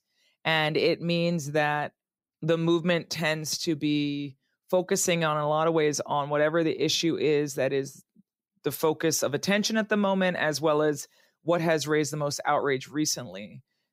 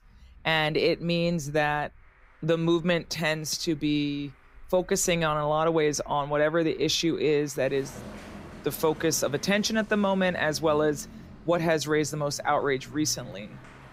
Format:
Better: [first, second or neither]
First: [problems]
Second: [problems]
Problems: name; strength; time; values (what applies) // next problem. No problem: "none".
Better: first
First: none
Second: traffic noise; faint; throughout; 20 dB below the speech